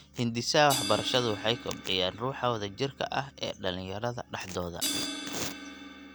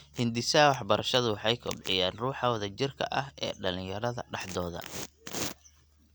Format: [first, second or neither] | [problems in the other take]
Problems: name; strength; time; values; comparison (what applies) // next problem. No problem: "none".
second | background sound (Crash cymbal); 9 dB below the speech